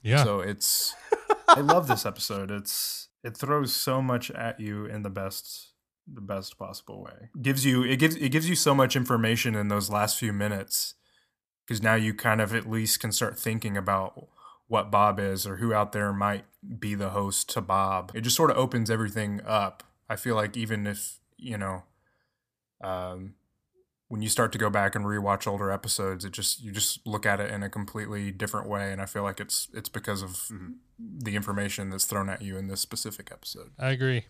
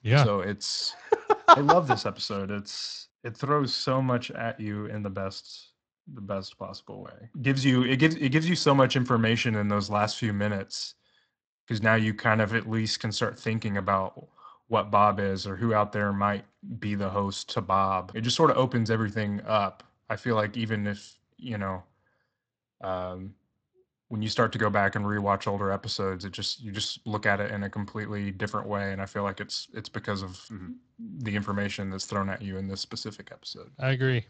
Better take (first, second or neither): first